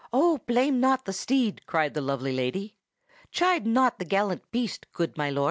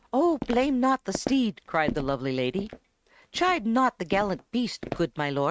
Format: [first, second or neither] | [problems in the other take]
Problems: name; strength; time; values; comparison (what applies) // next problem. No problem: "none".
first | noise reduction (neural mask model RNNoise)